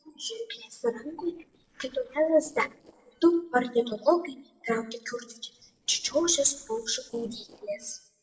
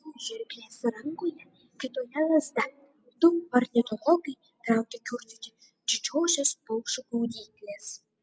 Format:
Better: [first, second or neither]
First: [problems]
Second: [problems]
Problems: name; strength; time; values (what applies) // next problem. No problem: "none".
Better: second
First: noise reduction (neural separator model SepFormer DNS4)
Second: none